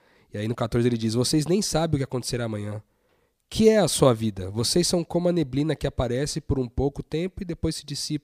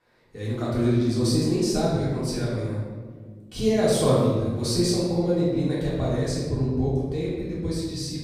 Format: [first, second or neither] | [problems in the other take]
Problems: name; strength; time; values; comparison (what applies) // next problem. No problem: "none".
first | room echo; strong; dies away in 1.5 s // off-mic speech; far